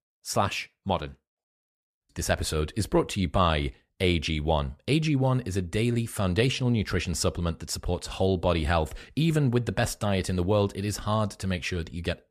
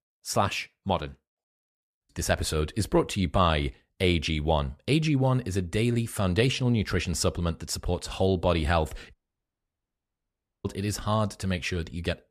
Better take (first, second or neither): first